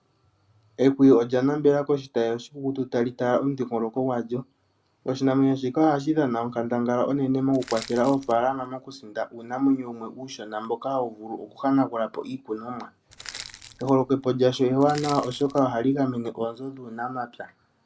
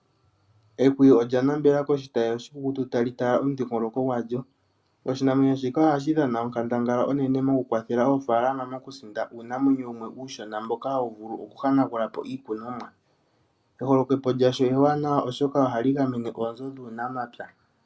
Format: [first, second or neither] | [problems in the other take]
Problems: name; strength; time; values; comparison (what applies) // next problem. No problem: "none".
second | background sound (Crushing); 17 dB below the speech